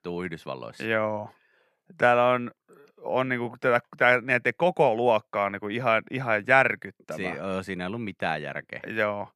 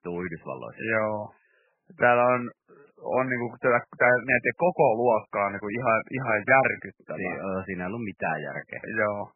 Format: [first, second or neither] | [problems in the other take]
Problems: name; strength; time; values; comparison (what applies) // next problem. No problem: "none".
first | garbled, watery; badly; nothing above 2.5 kHz